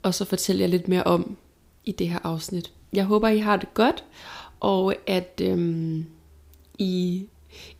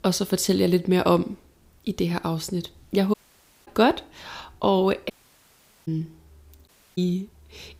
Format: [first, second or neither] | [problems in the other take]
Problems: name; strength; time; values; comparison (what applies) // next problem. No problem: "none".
first | audio cutting out; at 3 s for 0.5 s, at 5 s for 1 s and at 6.5 s